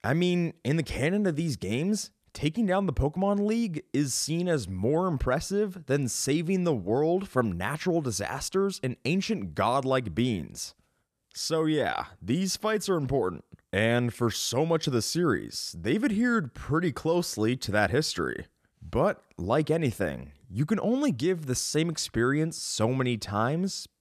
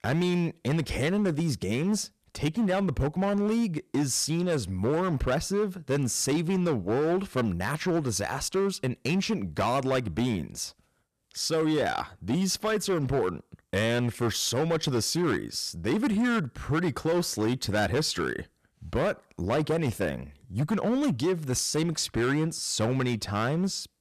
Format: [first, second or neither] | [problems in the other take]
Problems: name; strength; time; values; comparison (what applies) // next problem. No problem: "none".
first | distortion; slight; 12% of the sound clipped